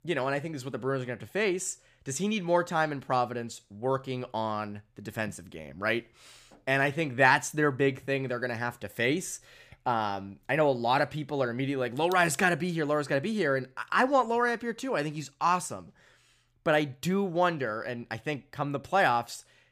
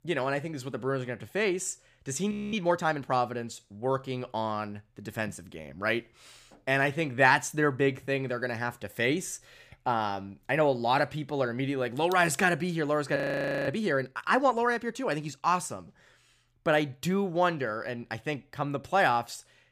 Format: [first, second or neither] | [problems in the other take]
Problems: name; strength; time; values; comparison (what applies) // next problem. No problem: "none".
first | audio freezing; at 2.5 s and at 13 s for 0.5 s